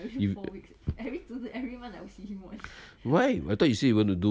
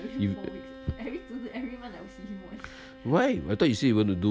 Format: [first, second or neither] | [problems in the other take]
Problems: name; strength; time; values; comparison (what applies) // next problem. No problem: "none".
first | background sound (Bowed string instrument); 18 dB below the speech